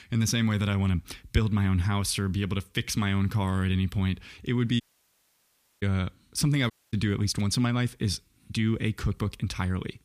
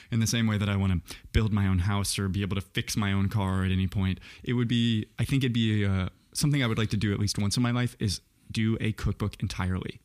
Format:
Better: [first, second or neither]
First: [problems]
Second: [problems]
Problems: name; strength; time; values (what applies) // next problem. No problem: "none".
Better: second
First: audio cutting out; at 5 s for 1 s and at 6.5 s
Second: none